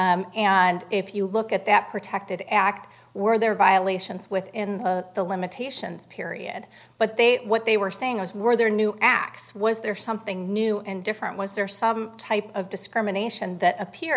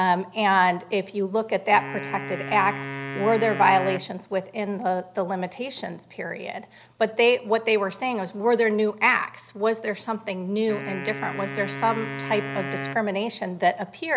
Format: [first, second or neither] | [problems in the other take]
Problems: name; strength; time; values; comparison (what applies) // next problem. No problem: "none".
first | background sound (Wind instrument, woodwind instrument); 10 dB below the speech